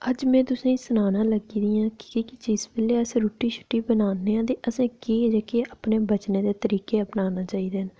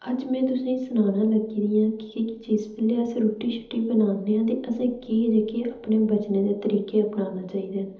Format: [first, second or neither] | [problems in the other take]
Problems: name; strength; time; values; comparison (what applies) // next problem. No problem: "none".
first | room echo; dies away in 1.2 s